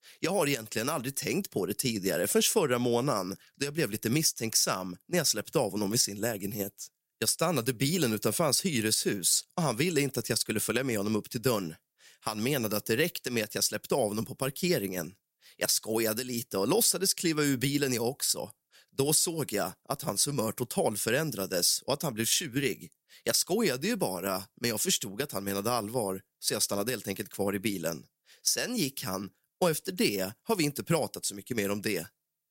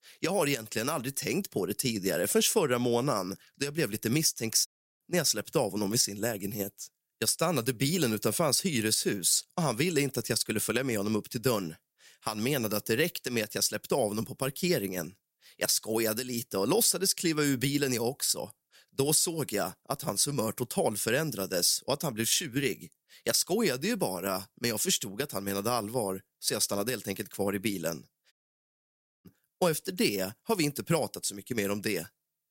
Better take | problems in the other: first | audio cutting out; at 4.5 s and at 28 s for 1 s

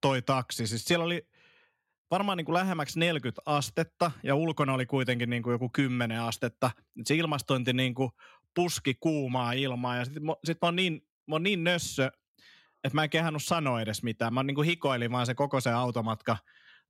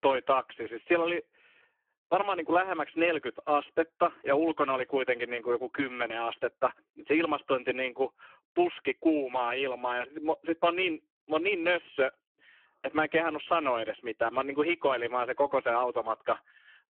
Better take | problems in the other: first | phone-call audio; poor line

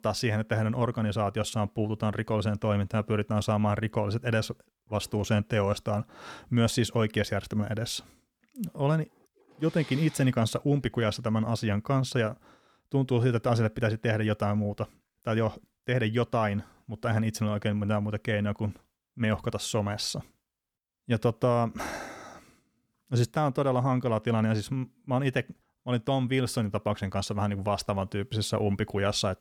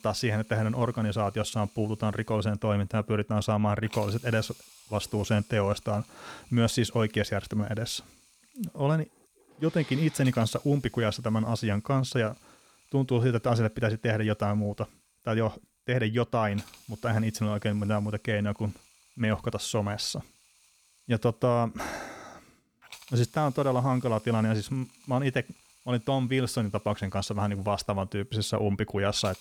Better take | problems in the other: first | hiss; faint; throughout; 25 dB below the speech

